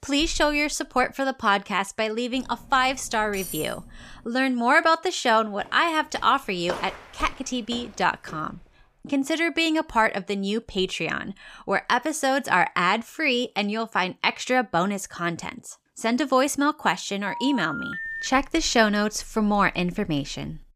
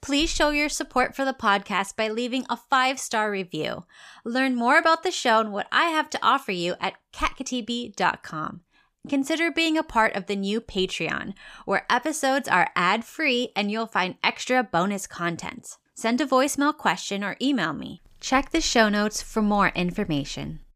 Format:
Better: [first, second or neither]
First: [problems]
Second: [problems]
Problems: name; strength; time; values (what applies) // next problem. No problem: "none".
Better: second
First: clattering dishes; noticeable; from 2.5 to 4.5 s; peak 9 dB below the speech // footsteps; faint; from 5.5 to 8.5 s; peak 10 dB below the speech // phone ringing; noticeable; from 17 to 18 s; peak 7 dB below the speech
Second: none